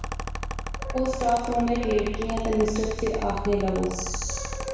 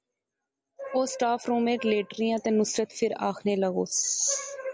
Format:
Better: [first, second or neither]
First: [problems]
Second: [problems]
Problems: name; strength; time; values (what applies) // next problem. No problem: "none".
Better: second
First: background sound (Mechanical fan); 5 dB below the speech // room echo; dies away in 1.1 s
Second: none